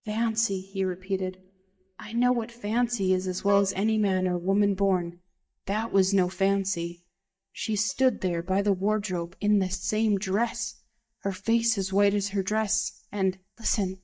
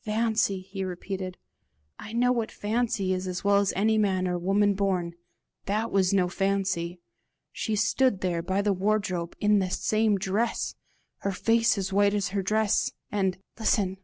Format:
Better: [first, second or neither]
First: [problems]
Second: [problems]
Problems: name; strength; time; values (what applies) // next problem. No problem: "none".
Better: second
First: noise reduction (neural mask model DeepFilterNet 3)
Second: none